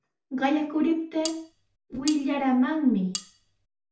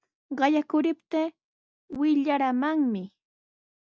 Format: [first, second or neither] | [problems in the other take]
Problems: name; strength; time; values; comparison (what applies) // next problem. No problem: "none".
second | background sound (Cutlery, silverware); 12 dB below the speech // room echo; dies away in 0.4 s